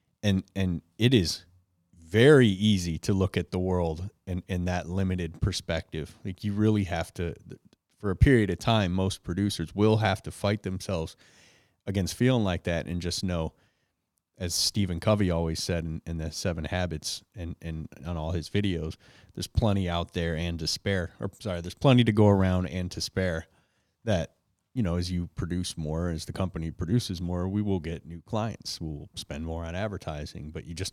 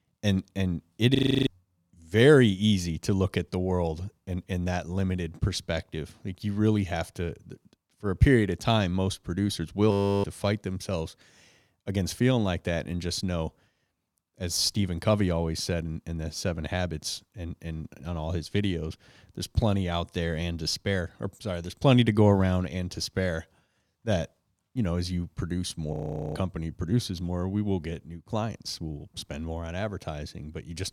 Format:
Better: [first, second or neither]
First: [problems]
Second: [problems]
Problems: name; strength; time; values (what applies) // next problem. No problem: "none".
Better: first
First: none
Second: audio freezing; at 1 s, at 10 s and at 26 s